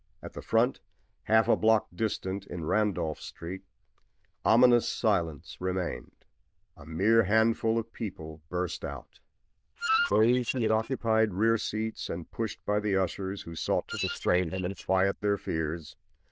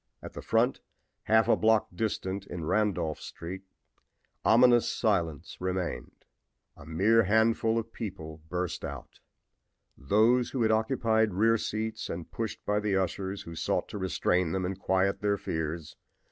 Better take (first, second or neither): second